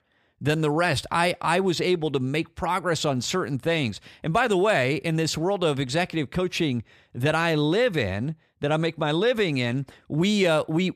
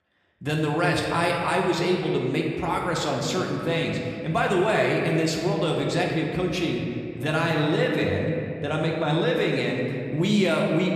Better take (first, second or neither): first